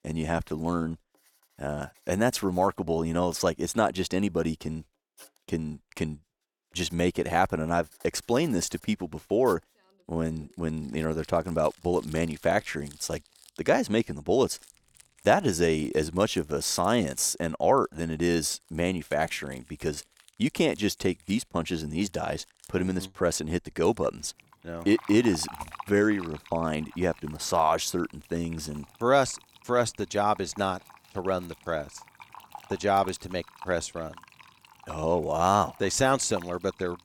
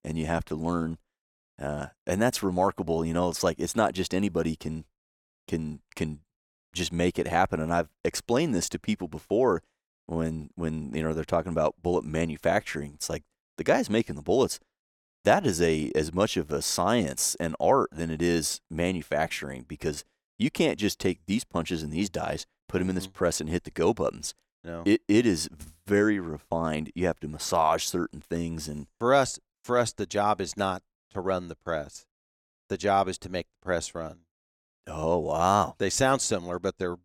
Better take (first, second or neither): second